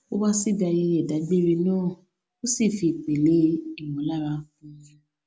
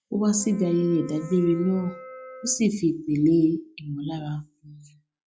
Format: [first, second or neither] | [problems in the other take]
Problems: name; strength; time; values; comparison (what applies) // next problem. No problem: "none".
first | noise reduction (classical method log-MMSE)